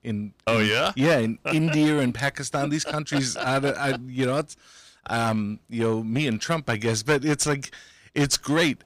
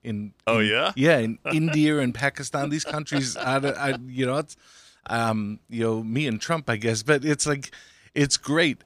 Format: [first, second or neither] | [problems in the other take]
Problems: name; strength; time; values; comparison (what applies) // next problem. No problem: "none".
second | distortion; slight; 5% of the sound clipped